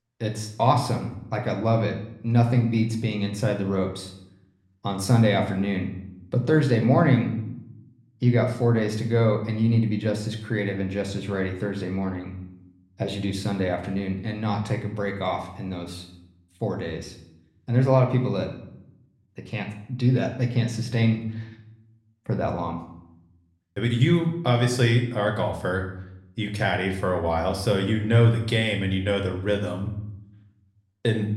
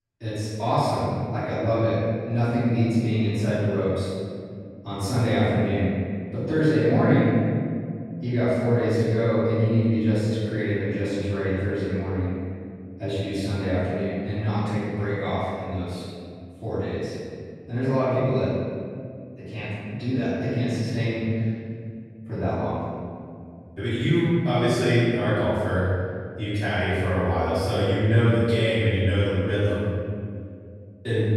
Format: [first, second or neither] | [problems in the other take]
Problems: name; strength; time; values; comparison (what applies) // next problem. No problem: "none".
first | room echo; strong; dies away in 2.2 s; slight in the first // off-mic speech; far